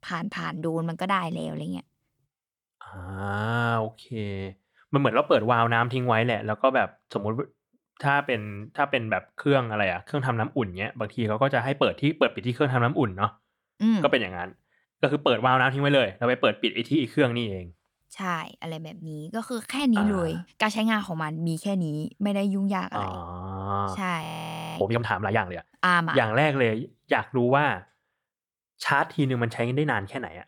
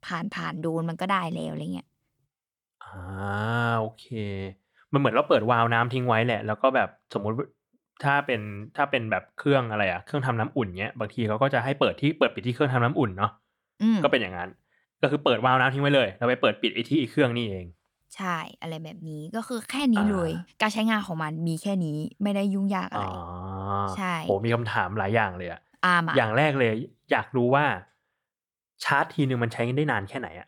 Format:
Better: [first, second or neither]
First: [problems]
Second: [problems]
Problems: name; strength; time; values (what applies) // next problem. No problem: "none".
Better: second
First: audio freezing; at 24 s for 0.5 s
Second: none